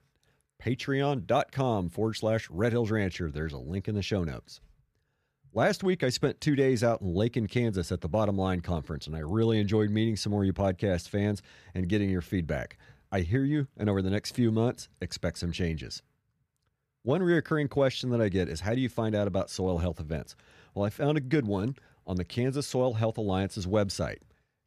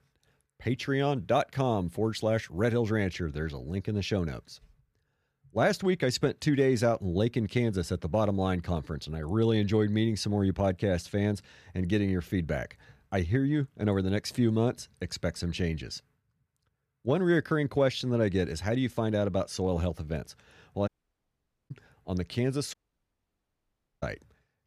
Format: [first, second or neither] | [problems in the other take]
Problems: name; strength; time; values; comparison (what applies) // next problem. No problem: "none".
first | audio cutting out; at 21 s for 1 s and at 23 s for 1.5 s